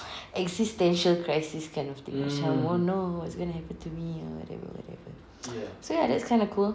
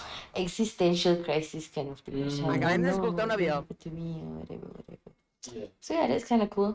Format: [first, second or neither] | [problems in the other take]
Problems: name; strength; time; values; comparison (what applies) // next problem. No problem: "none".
first | noise reduction (neural mask model RNNoise)